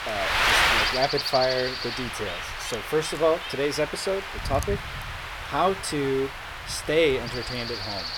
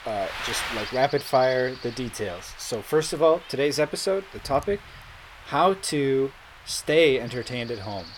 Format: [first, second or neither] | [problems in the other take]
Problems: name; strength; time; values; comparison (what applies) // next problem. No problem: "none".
second | wind noise on the microphone; heavy; 1 dB above the speech; occasional gusts in the second